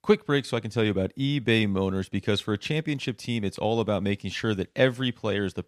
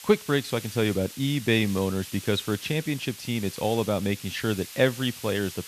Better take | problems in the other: first | hiss; noticeable; throughout; 15 dB below the speech

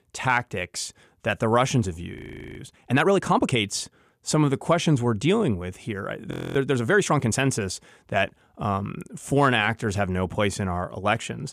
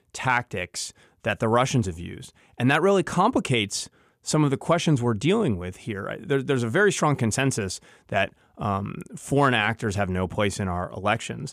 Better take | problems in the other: second | audio freezing; at 2 s and at 6.5 s

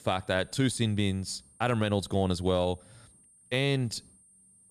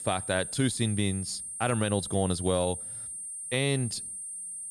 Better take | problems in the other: first | high-pitched whine; loud; throughout; 8.5 kHz, 6 dB below the speech; faint in the first

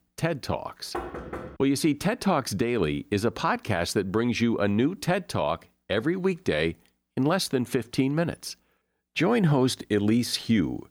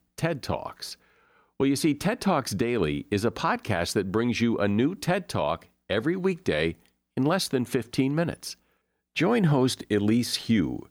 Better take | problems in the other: second | door banging; noticeable; at 1 s; peak 9 dB below the speech

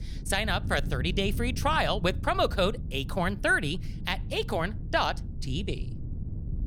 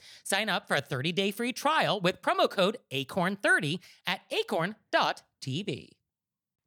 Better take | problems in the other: second | wind noise on the microphone; occasional gusts; 20 dB below the speech

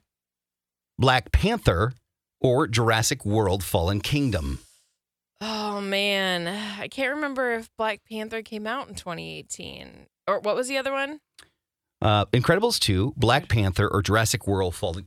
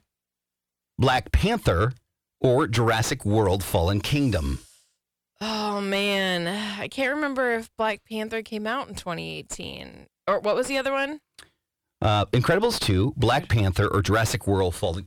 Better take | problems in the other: first | distortion; slight; 9 dB below the speech

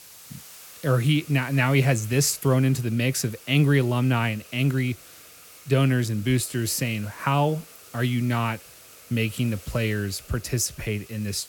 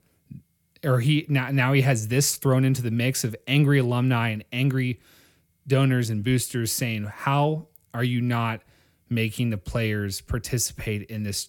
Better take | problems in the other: second | hiss; faint; throughout; 20 dB below the speech

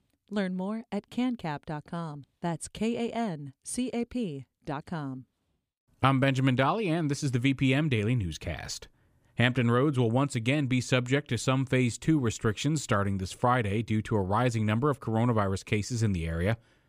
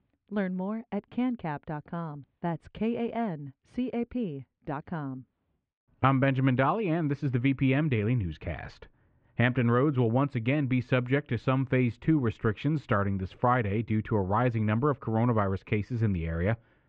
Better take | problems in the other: first | muffled; very; fading above 2.5 kHz

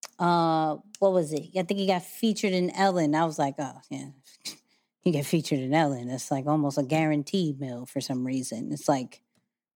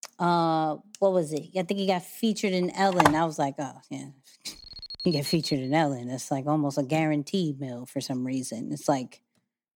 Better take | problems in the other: first | phone ringing; loud; at 3 s; peak 3 dB above the speech // alarm; noticeable; from 4.5 to 5.5 s; peak 4 dB below the speech

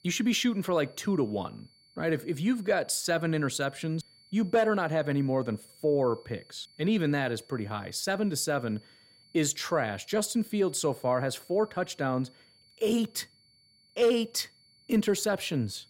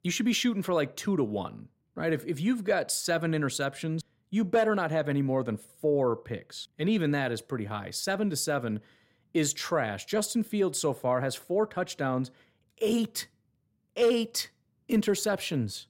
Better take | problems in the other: second | high-pitched whine; faint; throughout; 4.5 kHz, 30 dB below the speech

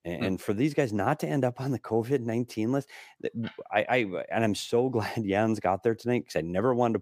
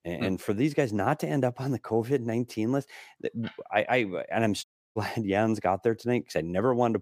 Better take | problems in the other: first | audio cutting out; at 4.5 s

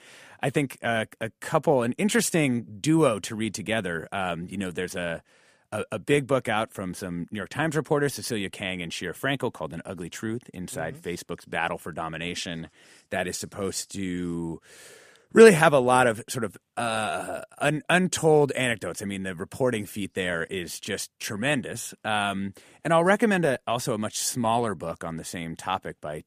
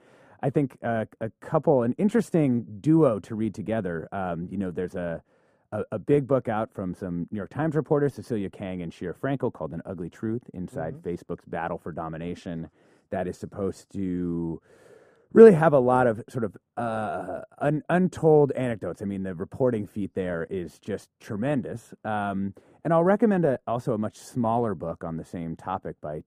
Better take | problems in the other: first | muffled; very; fading above 1 kHz

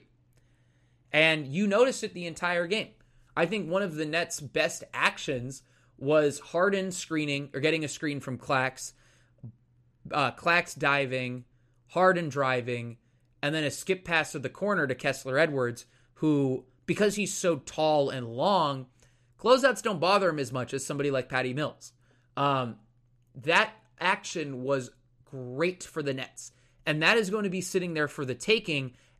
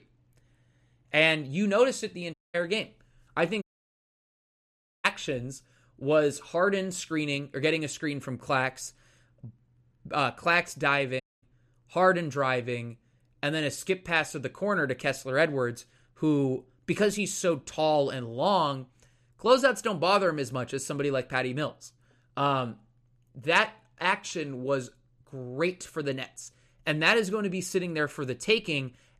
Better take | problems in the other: first | audio cutting out; at 2.5 s, at 3.5 s for 1.5 s and at 11 s

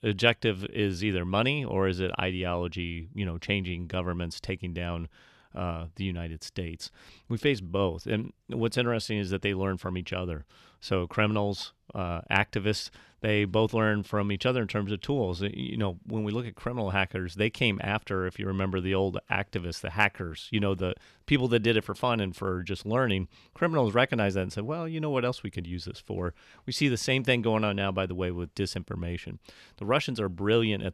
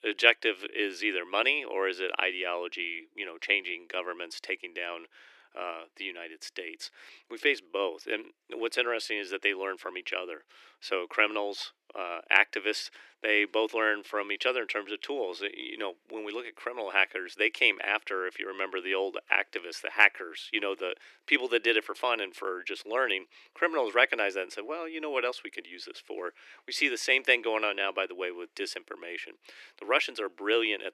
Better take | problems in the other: first | thin; very; fading below 300 Hz

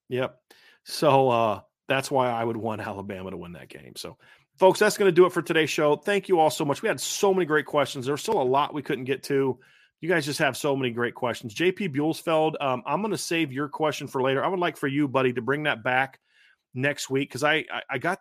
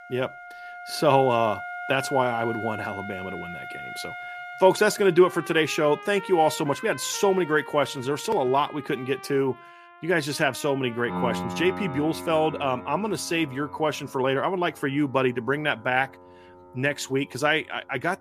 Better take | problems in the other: first | background music; noticeable; throughout; 10 dB below the speech

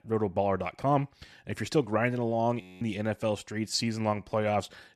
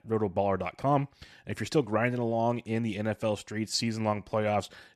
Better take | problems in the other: second | audio freezing; at 2.5 s

